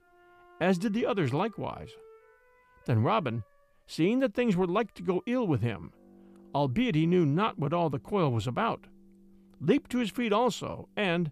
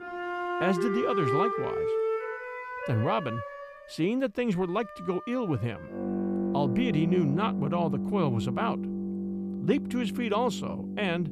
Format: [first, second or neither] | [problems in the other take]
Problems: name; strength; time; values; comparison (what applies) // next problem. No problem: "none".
first | background music; loud; throughout; 2 dB below the speech; faint in the first